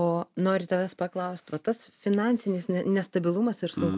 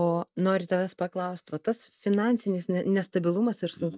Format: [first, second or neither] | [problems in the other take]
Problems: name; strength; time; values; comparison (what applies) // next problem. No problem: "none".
first | noise reduction (neural mask model DeepFilterNet 3)